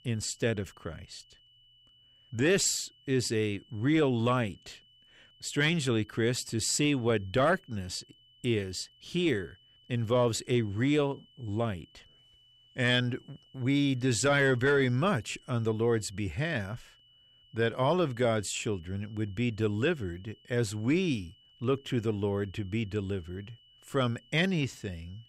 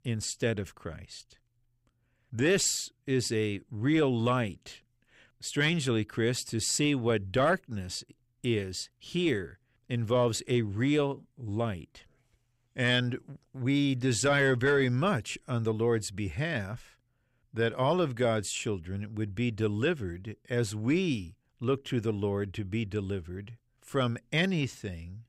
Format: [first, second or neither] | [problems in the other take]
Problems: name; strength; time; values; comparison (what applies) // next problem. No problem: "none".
second | high-pitched whine; faint; throughout; 3 kHz, 30 dB below the speech